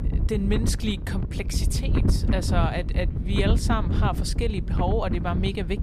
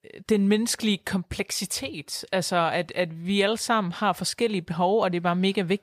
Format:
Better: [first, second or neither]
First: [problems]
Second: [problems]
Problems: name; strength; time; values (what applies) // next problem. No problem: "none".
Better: second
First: wind noise on the microphone; heavy; 7 dB below the speech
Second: none